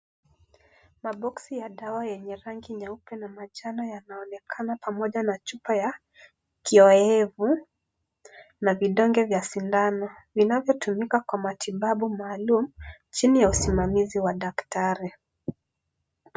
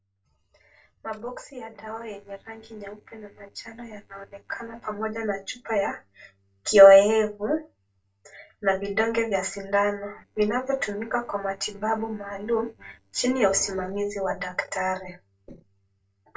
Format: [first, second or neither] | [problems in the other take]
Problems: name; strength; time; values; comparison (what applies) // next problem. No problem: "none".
first | noise reduction (neural separator model SepFormer DNS4)